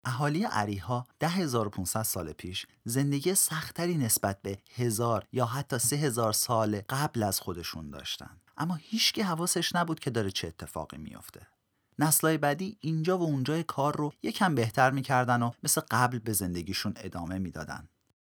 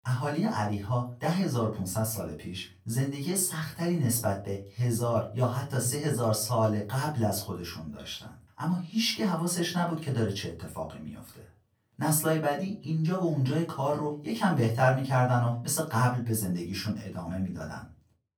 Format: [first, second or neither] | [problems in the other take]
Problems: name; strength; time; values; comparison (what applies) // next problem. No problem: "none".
first | room echo; slight; dies away in 0.3 s // off-mic speech; far